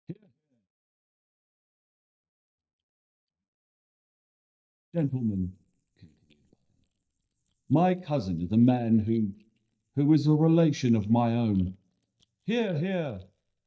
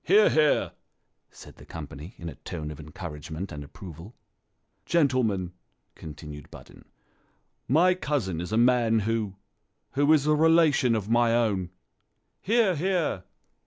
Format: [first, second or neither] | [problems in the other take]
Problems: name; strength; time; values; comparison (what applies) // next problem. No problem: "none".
second | noise reduction (neural mask model DeepFilterNet 3)